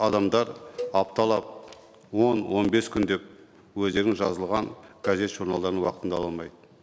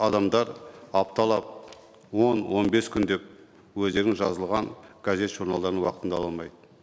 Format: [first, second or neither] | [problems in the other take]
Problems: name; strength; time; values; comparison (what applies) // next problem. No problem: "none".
second | background sound (Cowbell); 15 dB below the speech